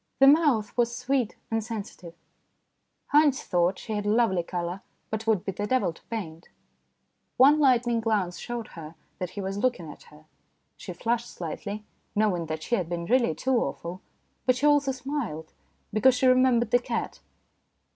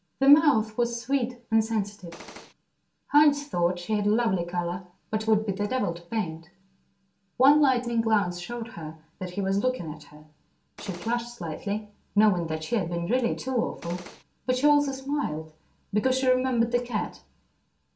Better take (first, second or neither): first